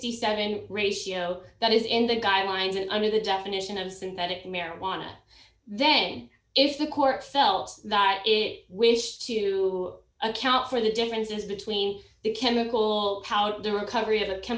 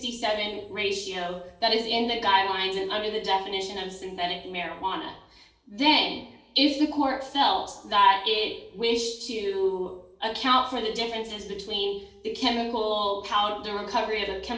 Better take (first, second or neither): first